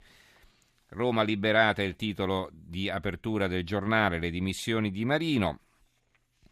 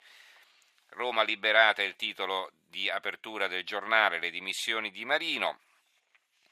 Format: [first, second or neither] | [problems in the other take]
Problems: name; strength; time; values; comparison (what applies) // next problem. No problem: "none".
first | thin; very; fading below 750 Hz